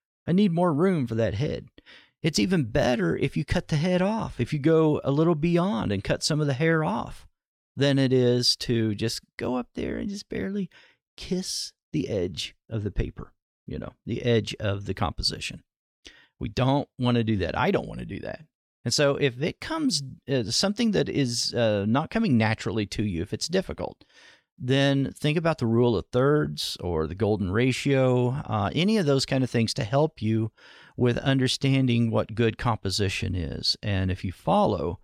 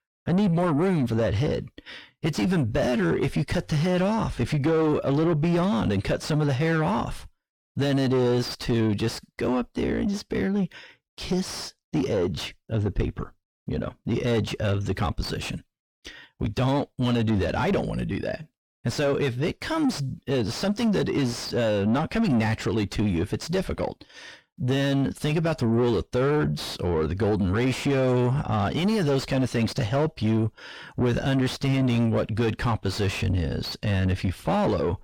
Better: first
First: none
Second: distortion; heavy; 6 dB below the speech

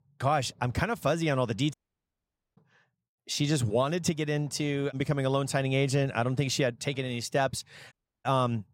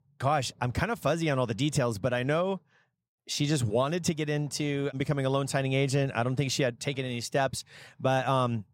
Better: second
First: audio cutting out; at 1.5 s for 1 s and at 8 s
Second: none

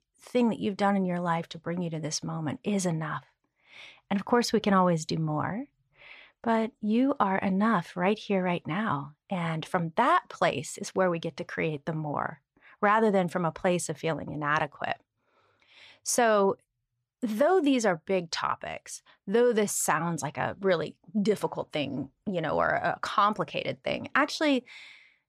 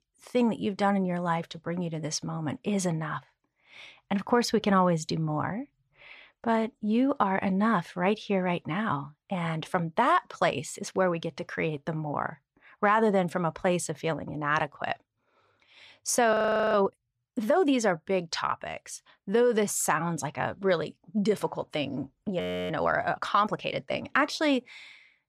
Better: first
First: none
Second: audio freezing; at 16 s and at 22 s

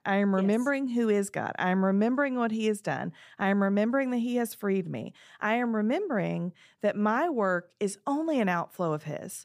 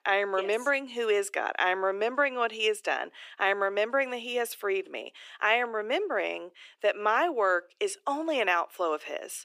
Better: first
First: none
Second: thin; very; fading below 350 Hz

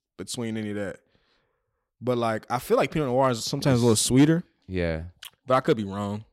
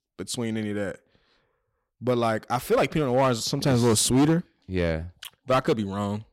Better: first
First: none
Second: distortion; slight; 5% of the sound clipped

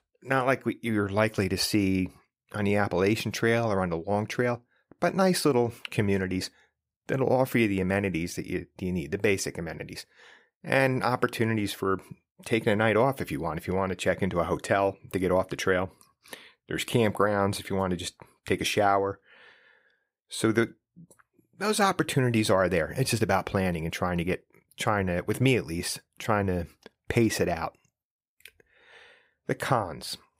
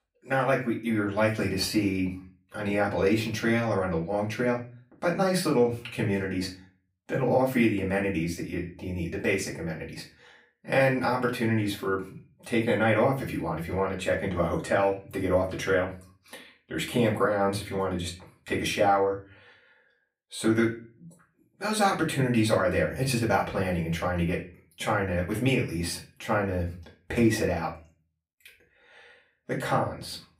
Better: first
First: none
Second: off-mic speech; far // room echo; slight; dies away in 0.3 s

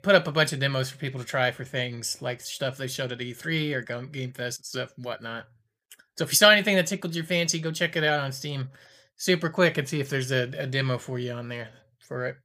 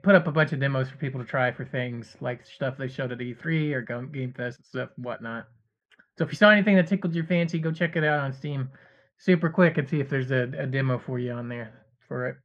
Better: first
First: none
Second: muffled; very; fading above 1.5 kHz

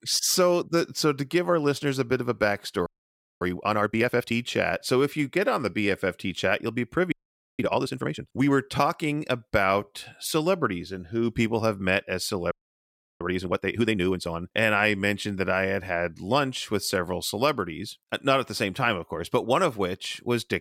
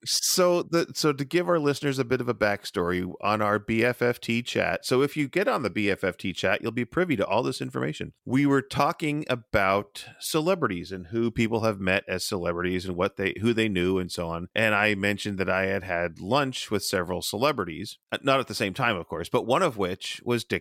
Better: second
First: audio freezing; at 3 s for 0.5 s, at 7 s and at 13 s for 0.5 s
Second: none

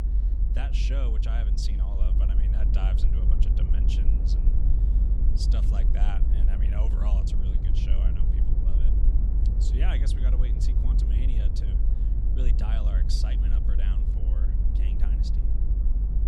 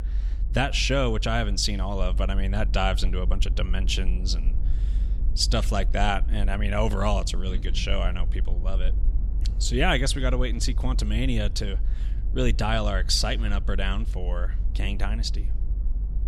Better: second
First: low rumble; loud; throughout; 2 dB below the speech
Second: low rumble; faint; throughout; 20 dB below the speech

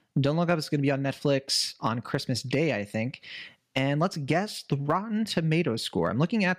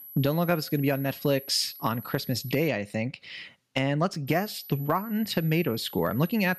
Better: first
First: none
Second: high-pitched whine; noticeable; until 2.5 s and from 4.5 s on; 12 kHz, 15 dB below the speech

